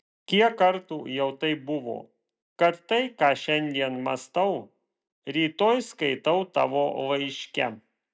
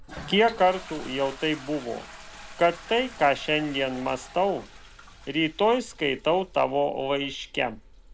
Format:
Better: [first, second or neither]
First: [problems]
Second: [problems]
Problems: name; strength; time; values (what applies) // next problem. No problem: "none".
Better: first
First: none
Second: background sound (Toilet flush); 18 dB below the speech